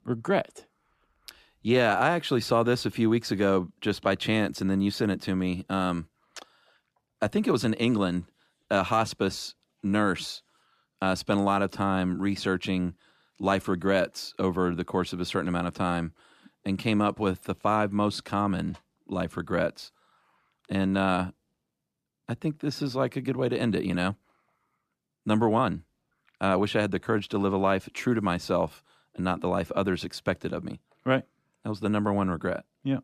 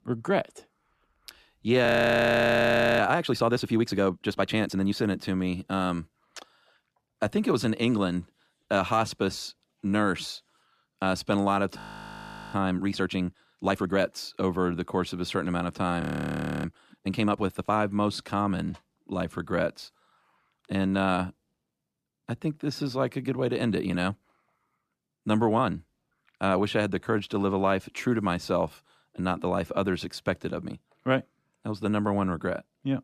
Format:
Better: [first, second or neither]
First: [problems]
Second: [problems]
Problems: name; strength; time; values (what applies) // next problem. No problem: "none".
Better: first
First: none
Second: audio freezing; at 2 s for 1 s, at 12 s for 1 s and at 16 s for 0.5 s